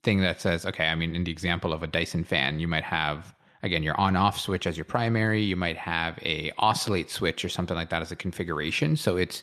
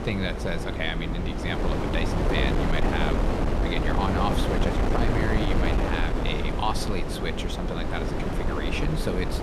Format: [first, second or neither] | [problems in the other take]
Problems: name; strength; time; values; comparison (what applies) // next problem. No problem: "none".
first | wind noise on the microphone; heavy; as loud as the speech